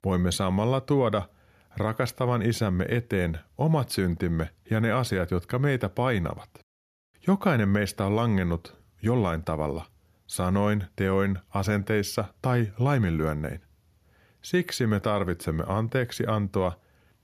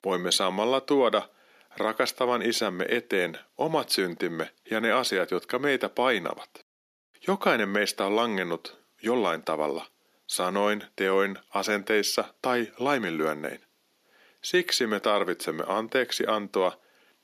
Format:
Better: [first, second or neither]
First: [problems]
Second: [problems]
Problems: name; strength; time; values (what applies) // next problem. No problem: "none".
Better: first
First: none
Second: thin; somewhat; fading below 250 Hz